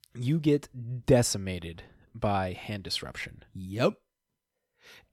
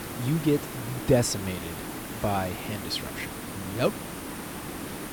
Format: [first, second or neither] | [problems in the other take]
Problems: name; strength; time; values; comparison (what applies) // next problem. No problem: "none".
first | hiss; loud; throughout; 7 dB below the speech